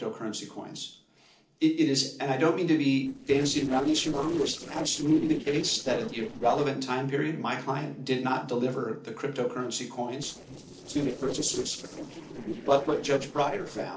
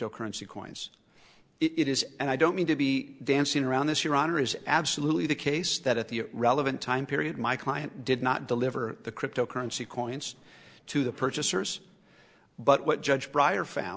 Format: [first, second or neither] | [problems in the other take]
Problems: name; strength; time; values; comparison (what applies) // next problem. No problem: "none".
second | noise reduction (neural separator model SepFormer DNS4)